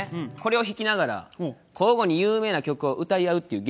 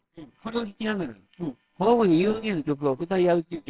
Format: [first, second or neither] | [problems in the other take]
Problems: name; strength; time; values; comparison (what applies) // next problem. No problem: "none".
first | noise reduction (neural separator model SepFormer WHAMR!)